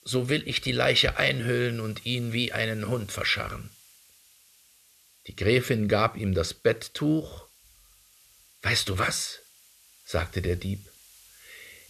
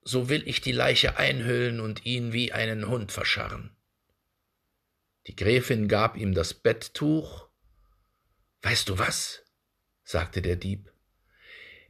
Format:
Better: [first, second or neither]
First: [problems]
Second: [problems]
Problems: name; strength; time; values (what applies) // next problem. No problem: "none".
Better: second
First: hiss; faint; throughout; 25 dB below the speech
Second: none